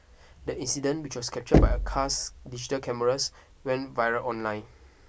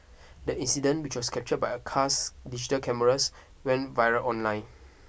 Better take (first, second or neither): second